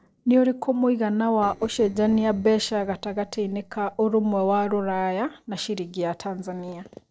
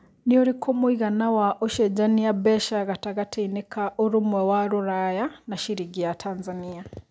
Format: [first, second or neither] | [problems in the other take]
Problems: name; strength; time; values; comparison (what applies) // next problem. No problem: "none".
second | noise reduction (neural separator model SepFormer DNS4)